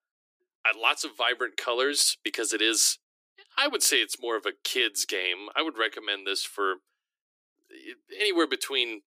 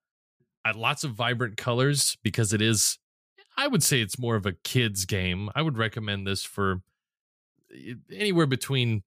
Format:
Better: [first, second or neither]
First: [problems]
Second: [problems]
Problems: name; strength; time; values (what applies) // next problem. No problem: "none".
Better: second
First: thin; very; fading below 300 Hz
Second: none